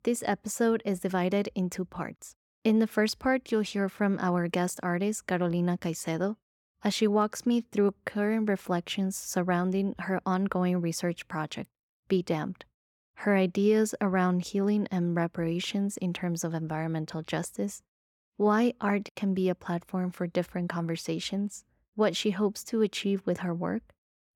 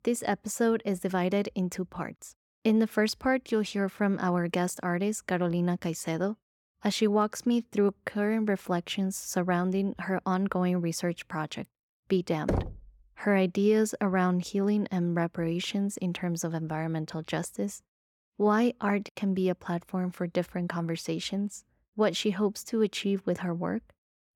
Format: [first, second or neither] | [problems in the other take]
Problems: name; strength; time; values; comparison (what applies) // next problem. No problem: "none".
first | door banging; noticeable; at 12 s; peak 3 dB below the speech